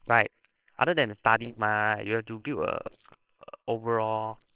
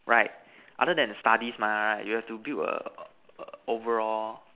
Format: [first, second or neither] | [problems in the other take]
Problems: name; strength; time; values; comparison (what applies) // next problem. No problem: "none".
second | noise reduction (neural separator model SepFormer WHAMR!)